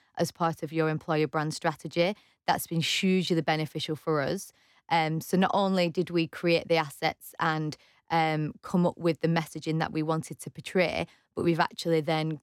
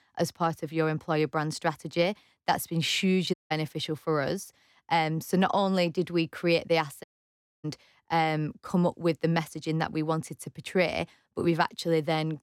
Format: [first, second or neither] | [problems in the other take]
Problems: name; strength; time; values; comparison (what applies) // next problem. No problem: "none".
first | audio cutting out; at 3.5 s and at 7 s for 0.5 s